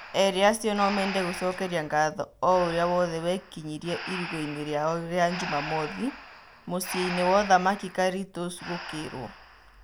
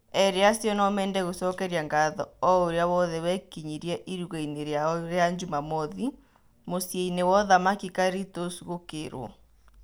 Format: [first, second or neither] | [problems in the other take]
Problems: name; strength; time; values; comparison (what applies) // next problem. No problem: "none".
second | background sound (Breathing); 12 dB below the speech